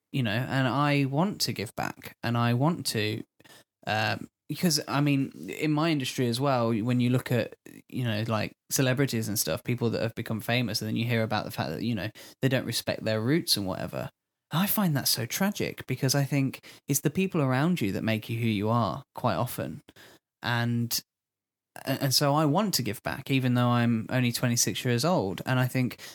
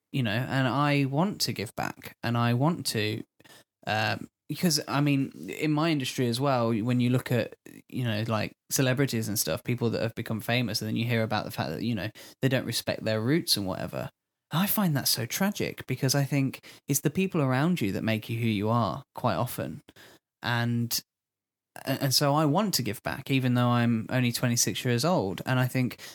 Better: neither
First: none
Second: none

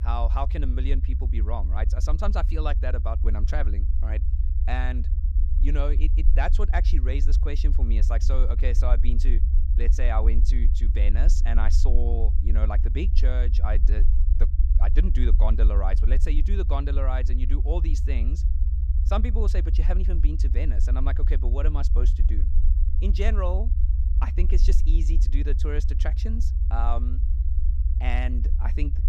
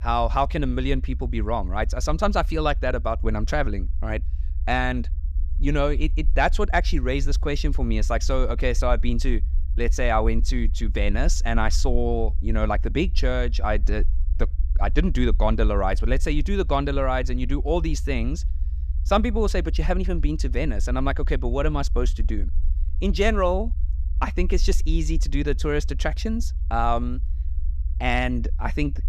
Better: second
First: low rumble; loud; throughout; 10 dB below the speech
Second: low rumble; faint; throughout; 25 dB below the speech

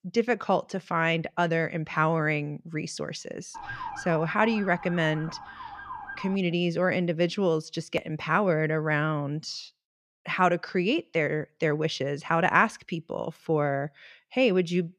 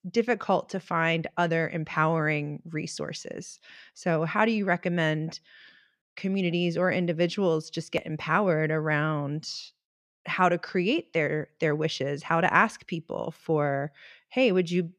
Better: second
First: siren; noticeable; from 3.5 to 6.5 s; peak 9 dB below the speech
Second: none

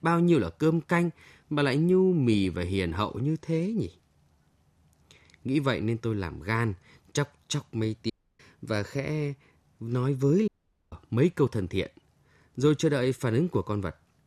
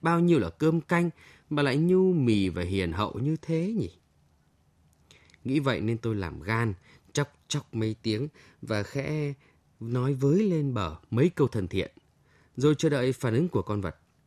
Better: second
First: audio cutting out; at 8 s and at 10 s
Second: none

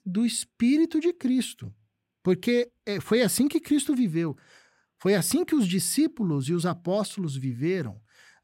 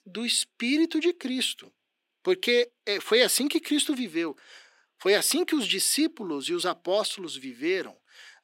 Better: first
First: none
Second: thin; somewhat; fading below 300 Hz

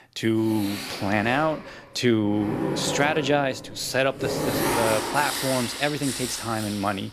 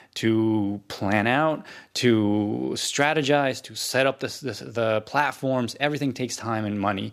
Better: second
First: household noises; loud; throughout; 4 dB below the speech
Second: none

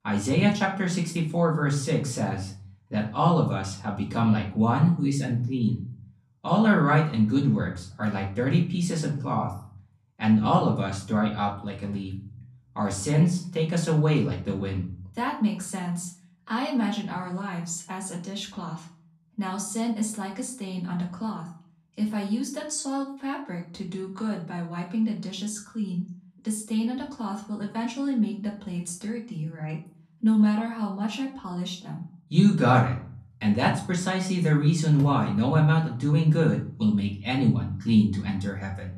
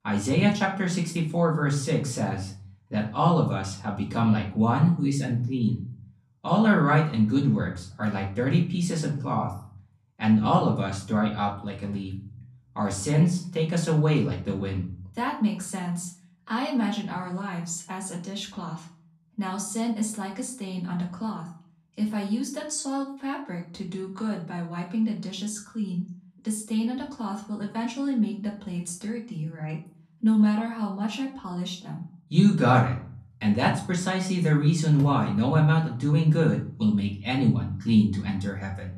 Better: neither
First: room echo; slight; dies away in 0.4 s // off-mic speech; far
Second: room echo; slight; dies away in 0.4 s // off-mic speech; far

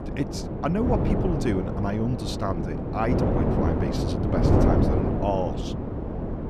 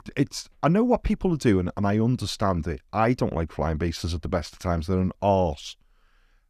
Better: second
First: wind noise on the microphone; heavy; as loud as the speech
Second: none

